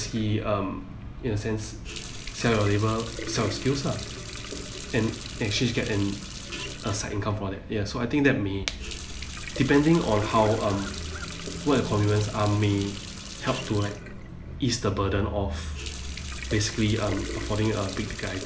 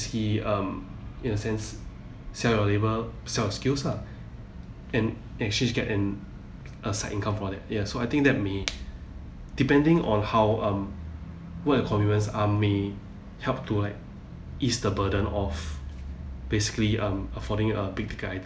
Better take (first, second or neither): second